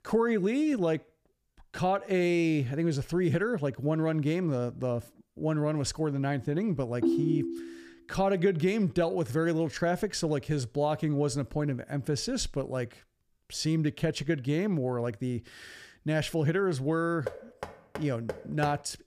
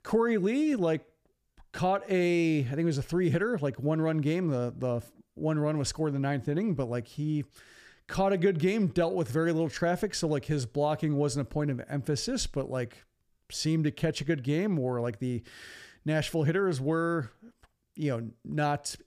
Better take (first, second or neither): second